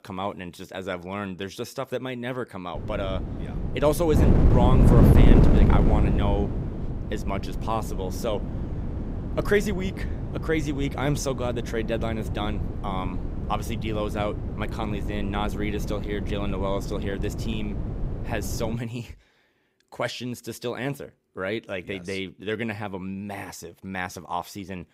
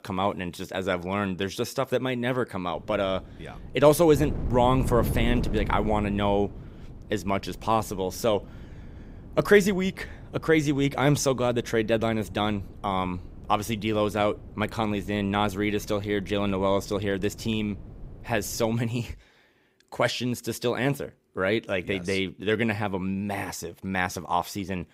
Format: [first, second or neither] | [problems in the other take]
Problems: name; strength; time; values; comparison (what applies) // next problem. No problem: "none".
second | wind noise on the microphone; heavy; from 3 to 19 s; 3 dB below the speech; occasional gusts in the second